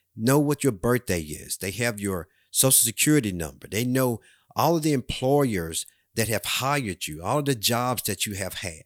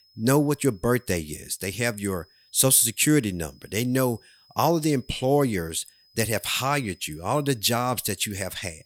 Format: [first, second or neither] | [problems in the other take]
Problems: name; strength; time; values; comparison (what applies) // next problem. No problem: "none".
first | high-pitched whine; faint; throughout; 5 kHz, 30 dB below the speech